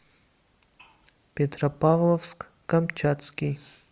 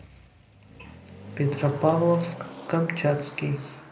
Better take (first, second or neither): first